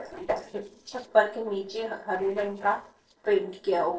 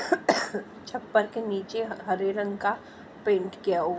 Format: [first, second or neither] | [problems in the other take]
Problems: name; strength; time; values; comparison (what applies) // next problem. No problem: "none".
second | noise reduction (neural separator model SepFormer DNS4)